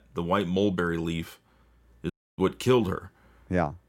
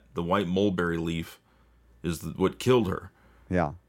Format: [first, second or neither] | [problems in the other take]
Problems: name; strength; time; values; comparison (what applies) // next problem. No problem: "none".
second | audio cutting out; at 2 s